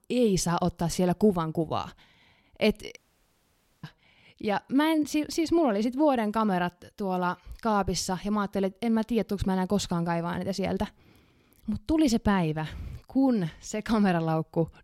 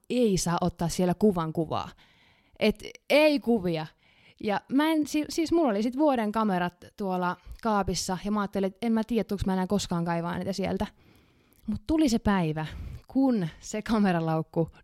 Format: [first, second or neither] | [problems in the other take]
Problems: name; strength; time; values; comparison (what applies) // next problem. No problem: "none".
second | audio cutting out; at 3 s for 1 s